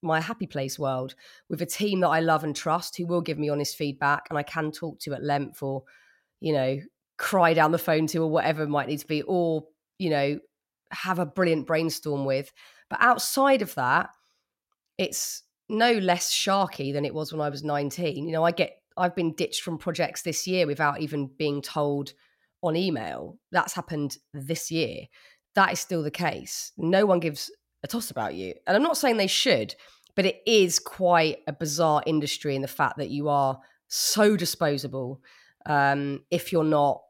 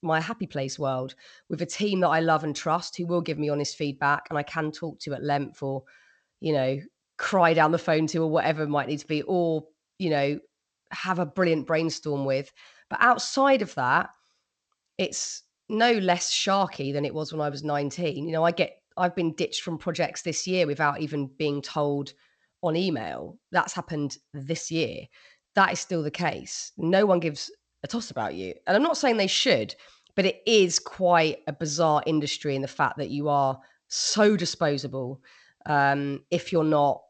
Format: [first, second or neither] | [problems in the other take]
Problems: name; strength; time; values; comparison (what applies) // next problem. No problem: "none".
first | garbled, watery; slightly; nothing above 7.5 kHz